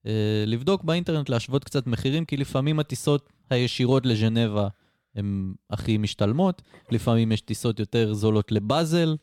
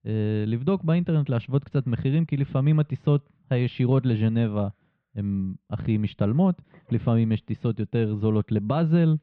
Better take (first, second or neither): first